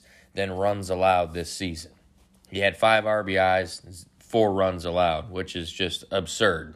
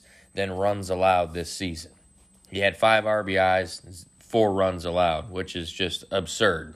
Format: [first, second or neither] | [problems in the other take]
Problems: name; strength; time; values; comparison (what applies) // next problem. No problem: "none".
first | high-pitched whine; faint; throughout; 8 kHz, 35 dB below the speech